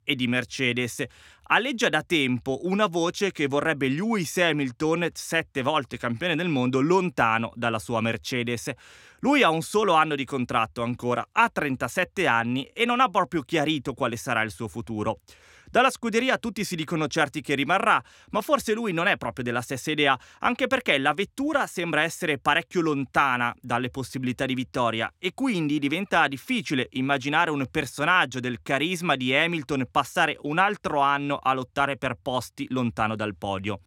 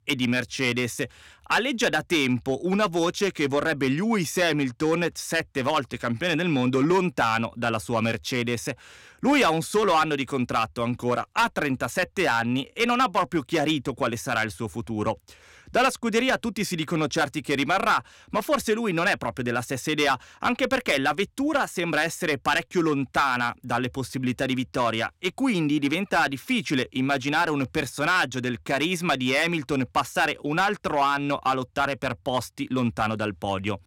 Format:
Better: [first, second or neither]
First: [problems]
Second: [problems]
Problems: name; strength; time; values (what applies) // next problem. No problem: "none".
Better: first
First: none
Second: distortion; slight; 3% of the sound clipped